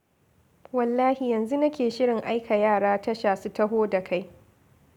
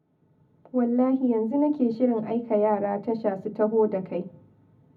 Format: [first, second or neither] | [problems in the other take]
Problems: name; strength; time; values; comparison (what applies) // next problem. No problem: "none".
first | room echo; dies away in 0.4 s